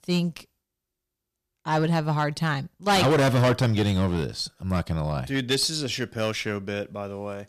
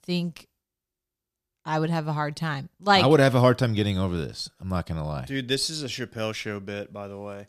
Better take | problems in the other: second | distortion; heavy; 6% of the sound clipped

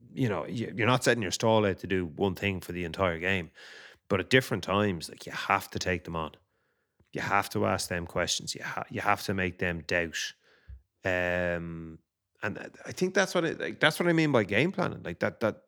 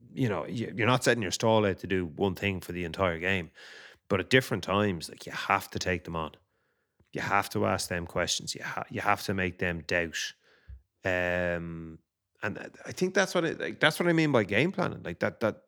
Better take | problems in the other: neither | none

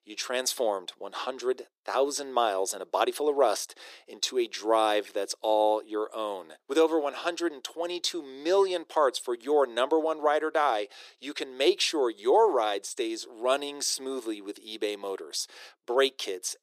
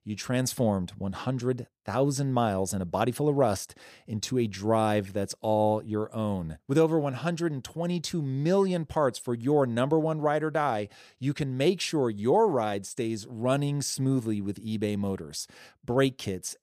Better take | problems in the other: second | thin; very; fading below 350 Hz

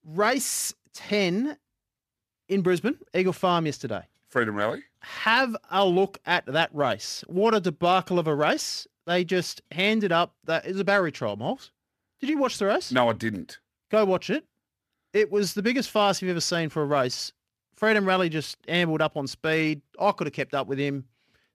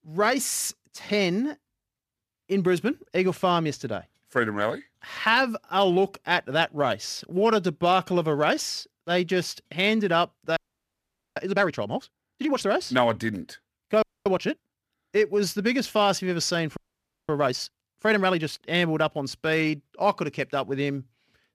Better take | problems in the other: first | audio freezing; at 11 s for 1 s, at 14 s and at 17 s for 0.5 s

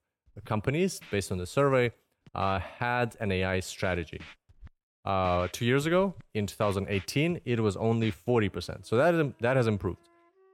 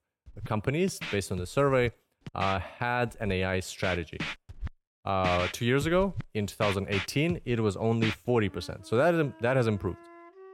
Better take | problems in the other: first | background music; loud; throughout; 9 dB below the speech; faint in the first

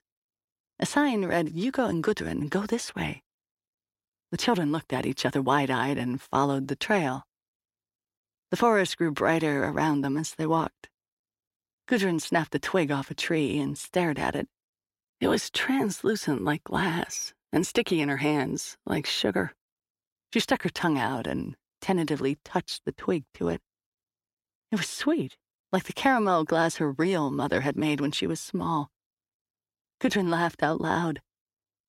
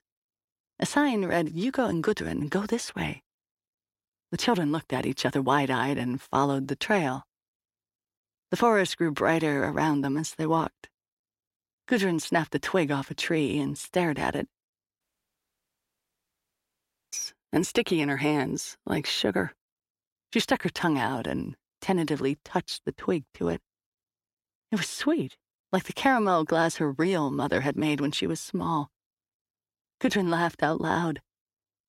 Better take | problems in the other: first | audio cutting out; at 15 s for 2 s

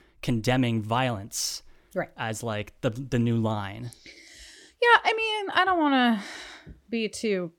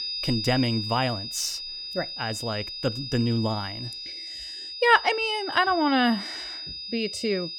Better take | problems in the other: first | high-pitched whine; loud; throughout; 5 kHz, 7 dB below the speech

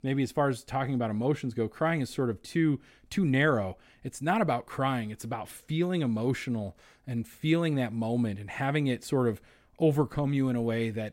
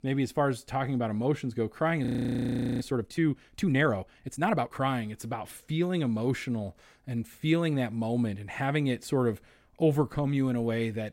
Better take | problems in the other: first | audio freezing; at 2 s for 1 s

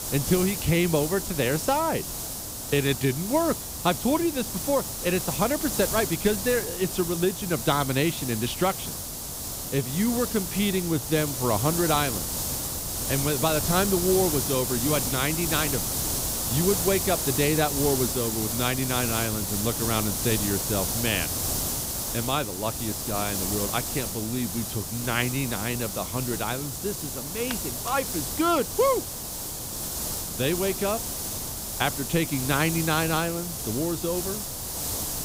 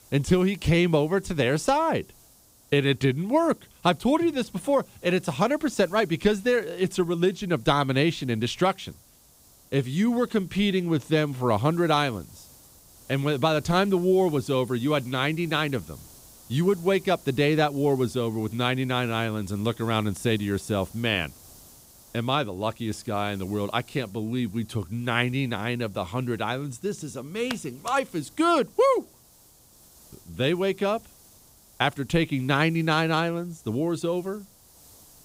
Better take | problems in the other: second | hiss; loud; throughout; 2 dB below the speech; faint in the second

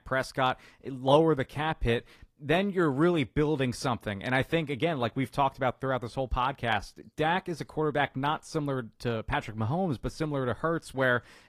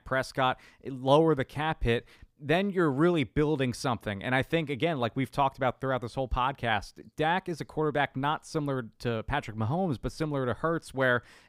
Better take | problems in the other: second | garbled, watery; slightly; nothing above 14.5 kHz

